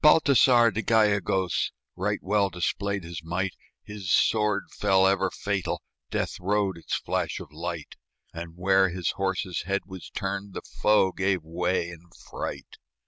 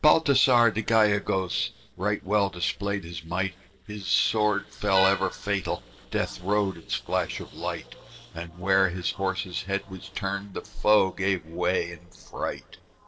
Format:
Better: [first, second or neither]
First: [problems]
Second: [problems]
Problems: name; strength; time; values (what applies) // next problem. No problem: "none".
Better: first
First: none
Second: noise reduction (neural separator model SepFormer DNS4)